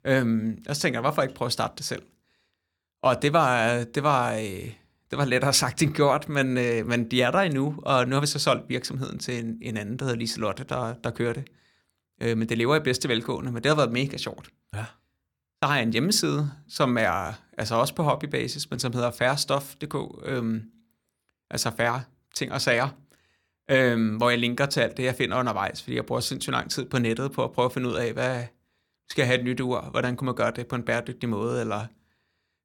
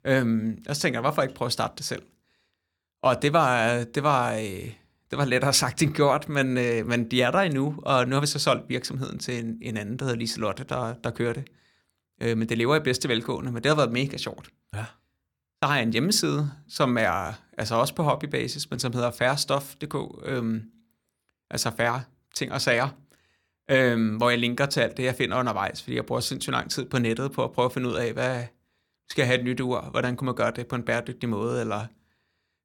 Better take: neither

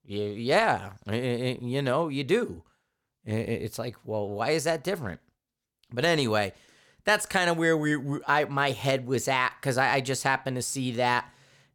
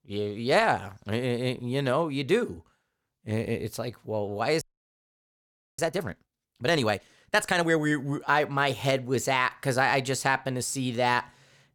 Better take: first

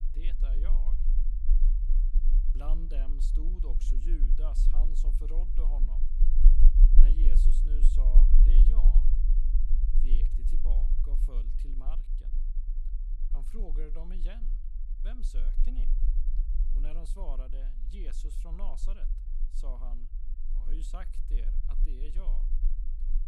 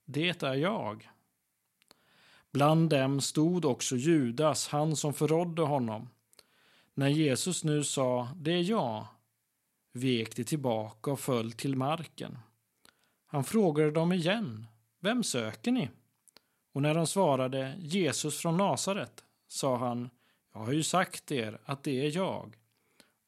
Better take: second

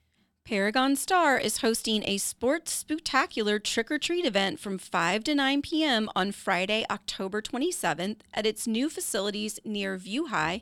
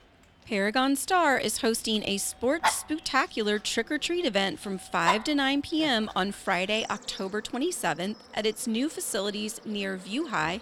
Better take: first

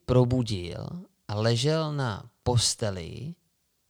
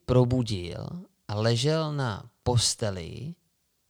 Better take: neither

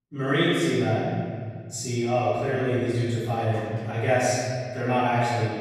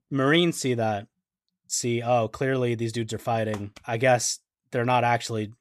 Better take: second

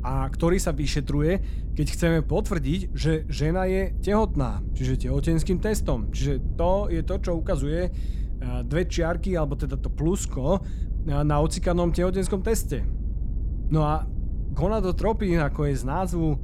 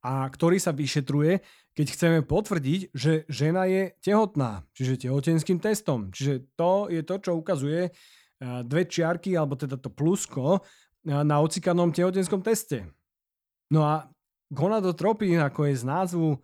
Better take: second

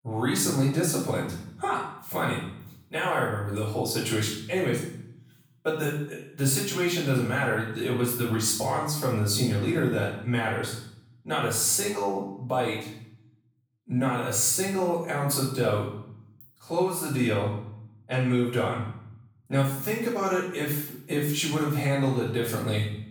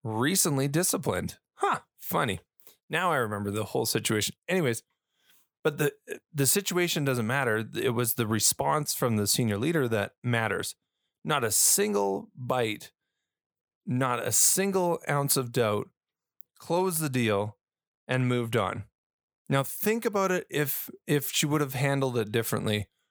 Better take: second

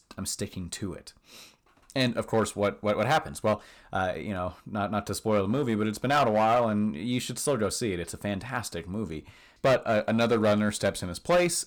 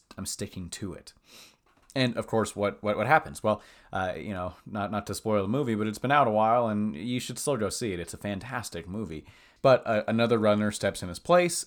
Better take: second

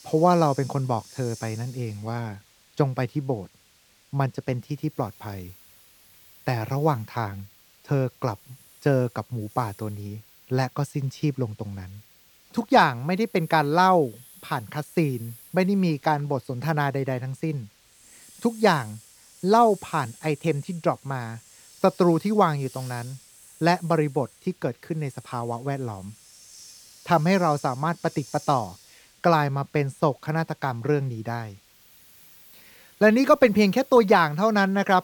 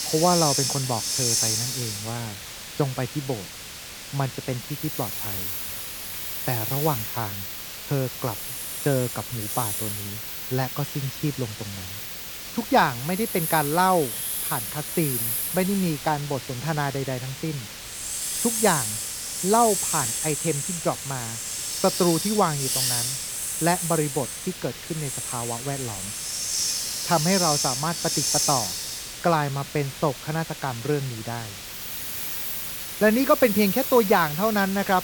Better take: first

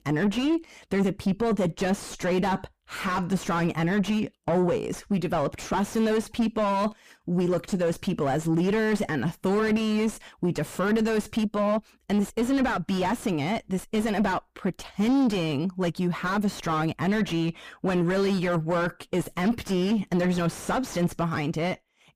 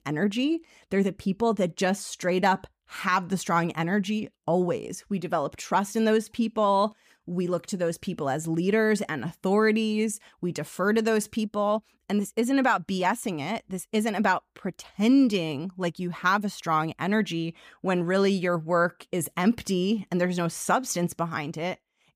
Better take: second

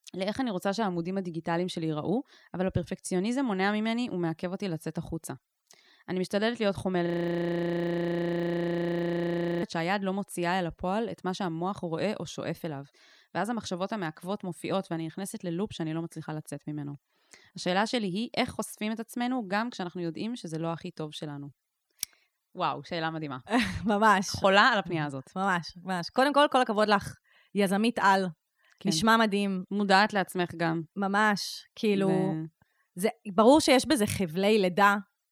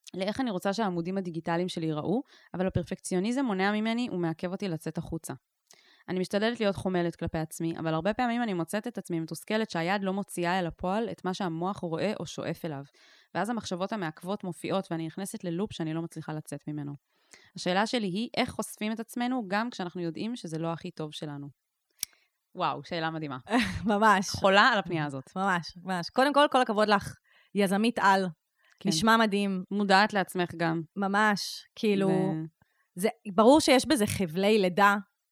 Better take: second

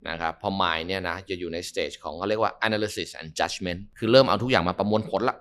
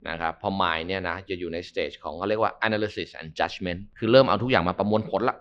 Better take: first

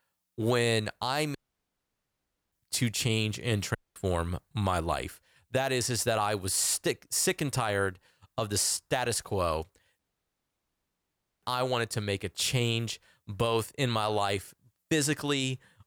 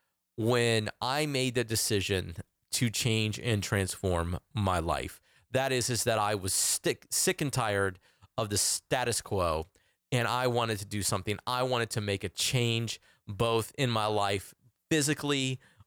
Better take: second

